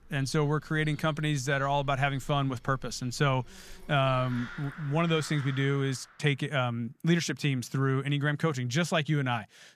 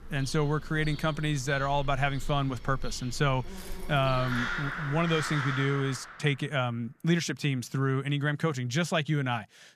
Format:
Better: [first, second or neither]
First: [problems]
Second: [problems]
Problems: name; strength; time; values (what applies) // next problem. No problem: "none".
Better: first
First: animal sounds; faint; until 5.5 s; 20 dB below the speech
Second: animal sounds; loud; until 5.5 s; 9 dB below the speech